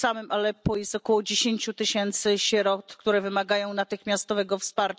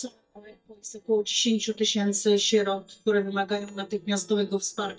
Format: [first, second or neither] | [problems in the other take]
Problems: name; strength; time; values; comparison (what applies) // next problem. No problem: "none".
first | noise reduction (neural mask model DeepFilterNet 3)